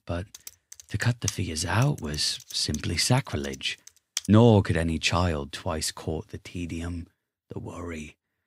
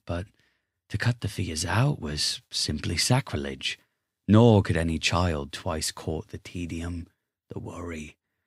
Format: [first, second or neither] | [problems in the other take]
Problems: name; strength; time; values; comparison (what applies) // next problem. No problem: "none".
second | keyboard typing; noticeable; until 4.5 s; peak 7 dB below the speech